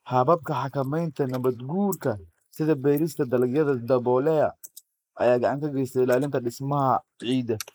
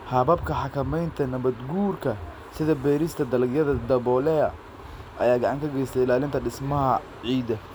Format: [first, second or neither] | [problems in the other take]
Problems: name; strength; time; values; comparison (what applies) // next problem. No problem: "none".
second | noise reduction (neural mask model Resemble Enhance denoiser)